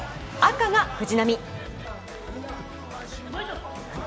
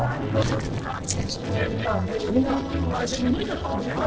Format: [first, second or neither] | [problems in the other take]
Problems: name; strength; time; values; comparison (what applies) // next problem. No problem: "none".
first | noise reduction (neural separator model SepFormer DNS4)